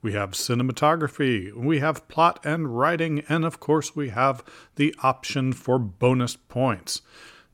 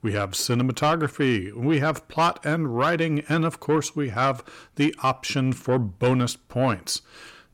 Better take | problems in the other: first | distortion; slight; 10 dB below the speech

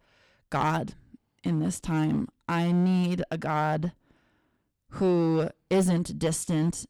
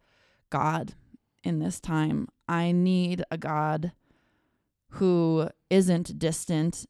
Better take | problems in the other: second | distortion; slight; 6% of the sound clipped

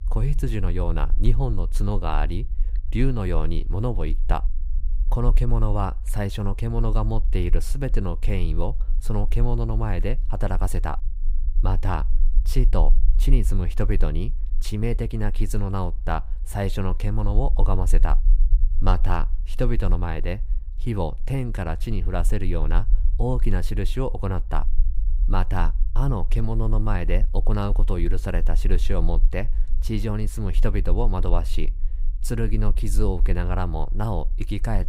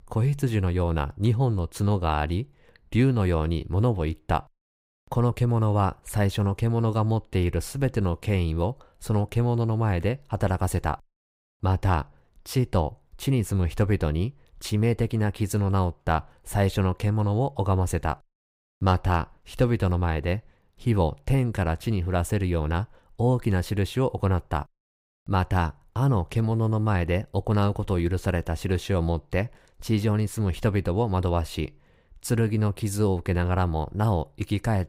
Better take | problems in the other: second | low rumble; faint; throughout; 20 dB below the speech

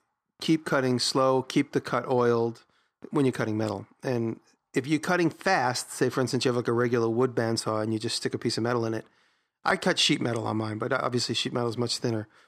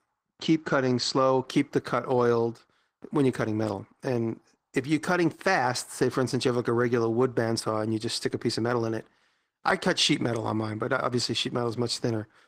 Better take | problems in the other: first | garbled, watery; slightly; nothing above 15.5 kHz

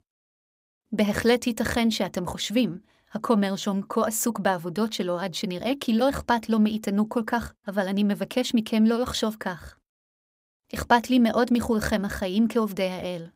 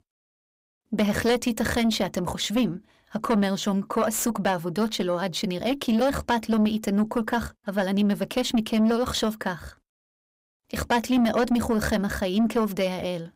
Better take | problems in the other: first | distortion; slight; 10 dB below the speech

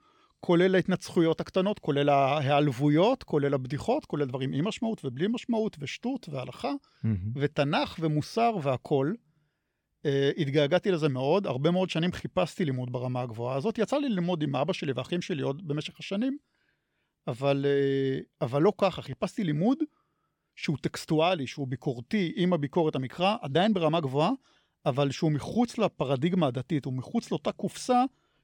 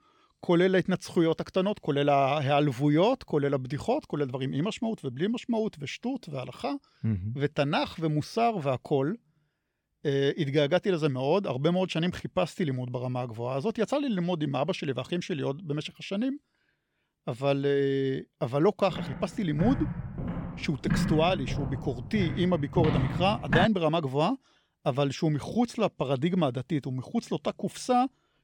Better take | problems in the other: first | footsteps; loud; from 19 to 24 s; peak 1 dB above the speech

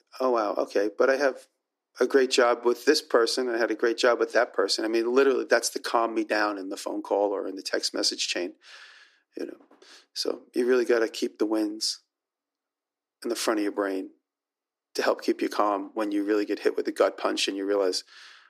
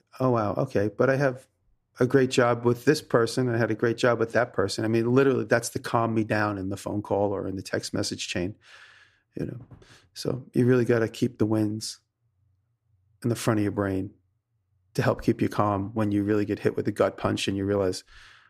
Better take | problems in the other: second | thin; somewhat; fading below 300 Hz

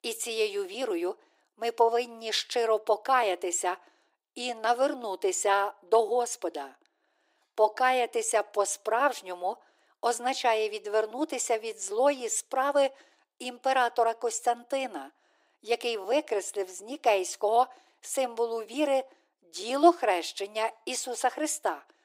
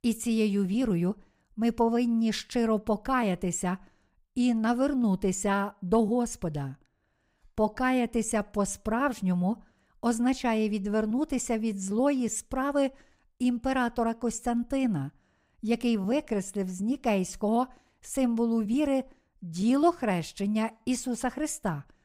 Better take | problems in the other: second | thin; very; fading below 300 Hz

